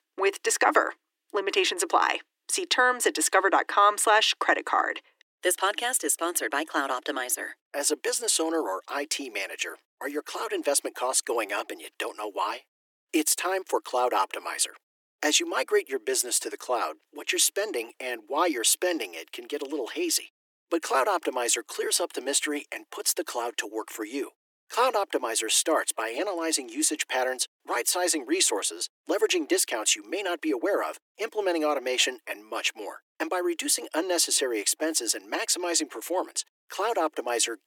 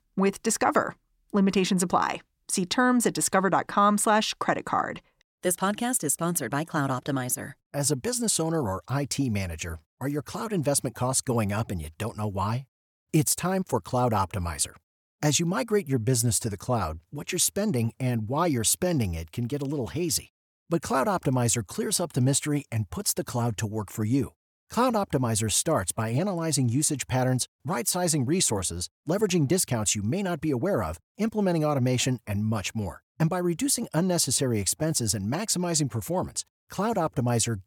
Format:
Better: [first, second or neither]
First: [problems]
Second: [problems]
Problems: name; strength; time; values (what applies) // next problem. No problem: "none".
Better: second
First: thin; very; fading below 300 Hz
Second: none